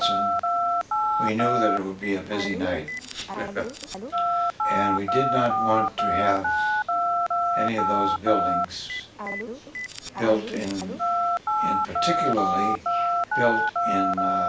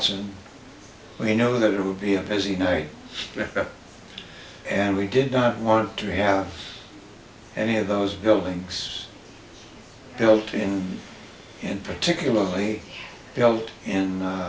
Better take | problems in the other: second | background sound (Telephone); 4 dB above the speech

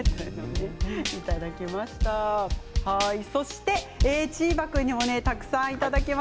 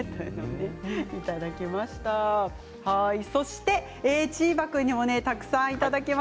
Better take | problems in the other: second | background sound (Drum kit); 2 dB below the speech

